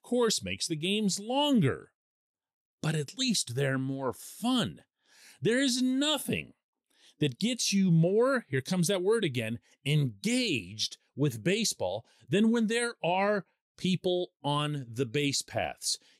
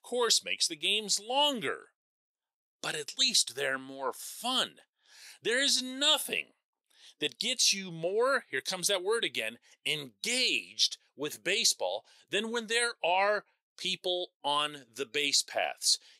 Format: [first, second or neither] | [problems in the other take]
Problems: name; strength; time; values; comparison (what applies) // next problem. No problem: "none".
first | thin; very; fading below 600 Hz